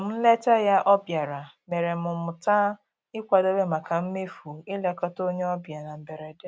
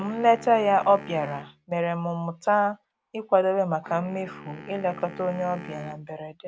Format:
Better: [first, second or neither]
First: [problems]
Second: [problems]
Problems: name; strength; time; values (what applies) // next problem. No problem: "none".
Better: first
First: none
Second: background sound (Wind instrument, woodwind instrument); 18 dB below the speech